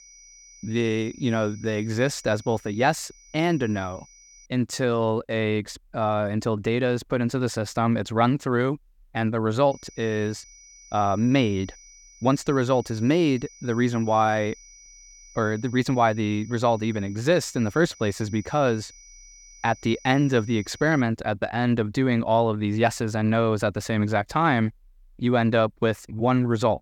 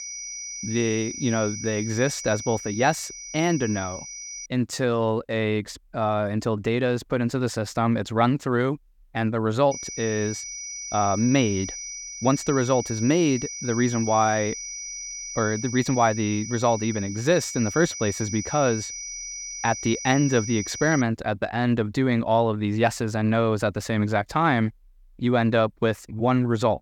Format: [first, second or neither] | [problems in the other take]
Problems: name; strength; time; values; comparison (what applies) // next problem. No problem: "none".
first | high-pitched whine; loud; until 4.5 s and from 9.5 to 21 s; 6 kHz, 9 dB below the speech; faint in the first